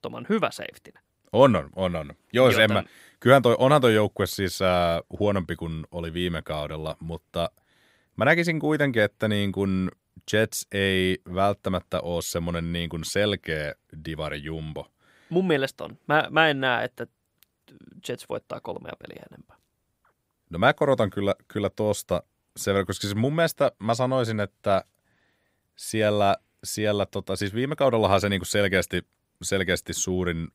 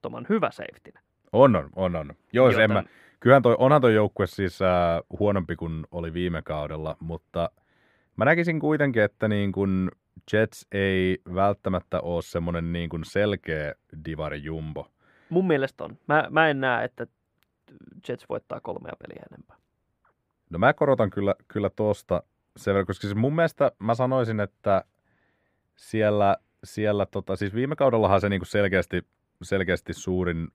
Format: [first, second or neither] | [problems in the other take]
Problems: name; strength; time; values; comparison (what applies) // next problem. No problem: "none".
first | muffled; slightly; fading above 3 kHz